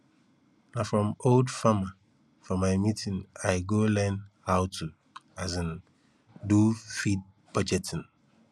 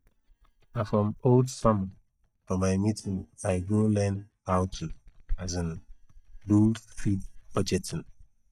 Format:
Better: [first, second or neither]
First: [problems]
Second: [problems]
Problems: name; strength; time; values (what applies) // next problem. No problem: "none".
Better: first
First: none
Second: noise reduction (neural mask model DeepFilterNet 3)